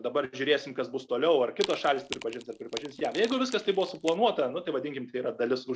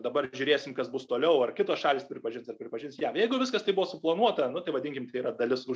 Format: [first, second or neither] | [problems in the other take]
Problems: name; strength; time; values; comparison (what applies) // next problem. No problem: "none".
second | background sound (Wood); 15 dB below the speech